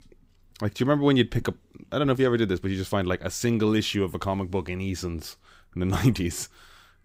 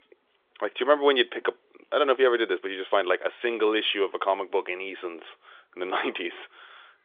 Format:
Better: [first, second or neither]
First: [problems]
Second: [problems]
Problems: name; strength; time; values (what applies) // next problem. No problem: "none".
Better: first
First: none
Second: phone-call audio; nothing above 3.5 kHz